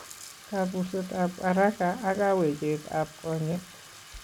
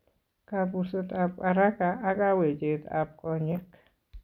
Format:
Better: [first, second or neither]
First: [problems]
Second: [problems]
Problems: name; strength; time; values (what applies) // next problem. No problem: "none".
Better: second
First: background sound (Bathtub (filling or washing)); 19 dB below the speech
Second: none